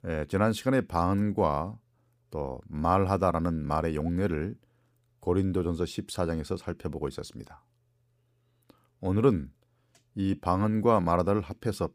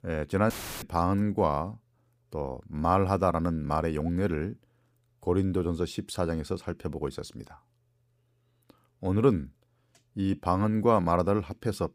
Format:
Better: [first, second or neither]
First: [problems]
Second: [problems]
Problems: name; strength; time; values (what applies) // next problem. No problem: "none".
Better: first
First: none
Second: audio cutting out; filled with static; at 0.5 s